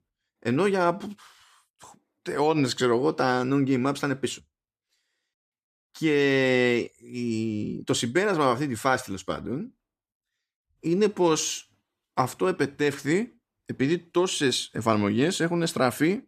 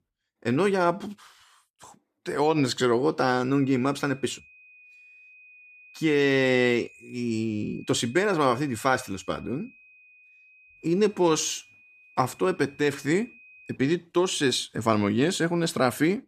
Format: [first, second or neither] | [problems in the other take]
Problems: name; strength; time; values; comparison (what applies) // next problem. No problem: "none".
first | high-pitched whine; faint; from 3.5 to 14 s; 2.5 kHz, 25 dB below the speech